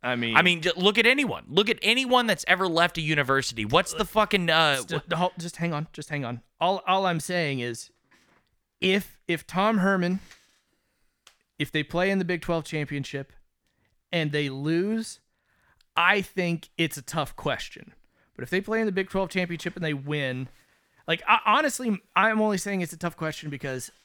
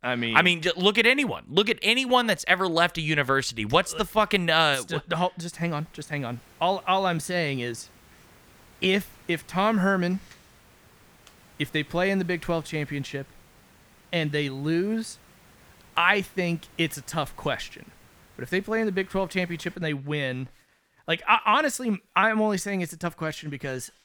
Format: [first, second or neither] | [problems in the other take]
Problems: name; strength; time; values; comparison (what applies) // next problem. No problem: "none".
first | hiss; faint; from 5.5 to 20 s; 30 dB below the speech